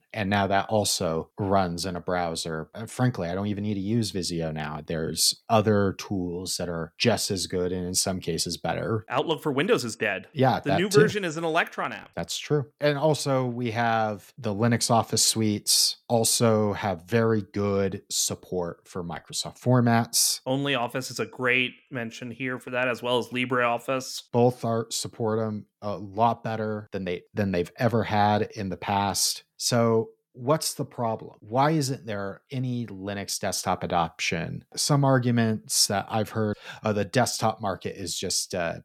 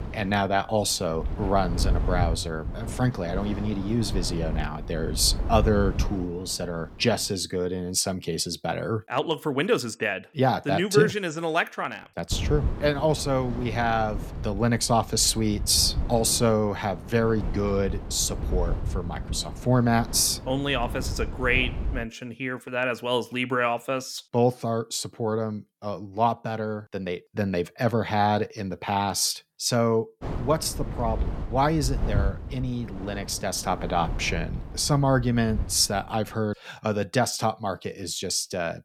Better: first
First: none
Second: wind noise on the microphone; occasional gusts; until 7.5 s, from 12 to 22 s and from 30 to 36 s; 15 dB below the speech

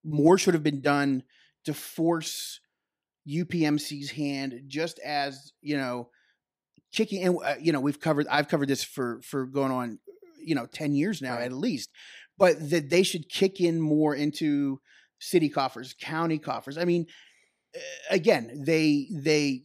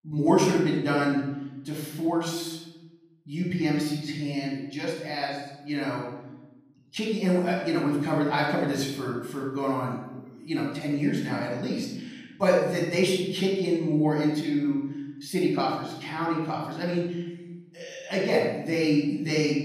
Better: first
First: none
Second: off-mic speech; far // room echo; noticeable; dies away in 1 s

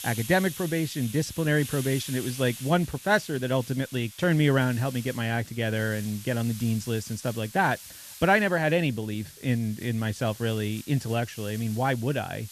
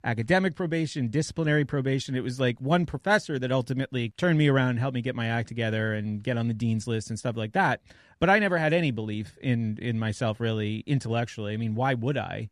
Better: second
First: hiss; noticeable; throughout; 15 dB below the speech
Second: none

